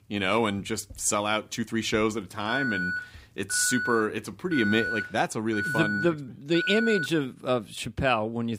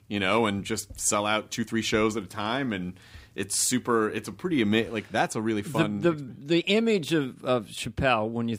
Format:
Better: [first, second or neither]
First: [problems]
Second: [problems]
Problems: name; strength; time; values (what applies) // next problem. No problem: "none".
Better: second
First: alarm; noticeable; from 2.5 to 7 s; peak 1 dB below the speech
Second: none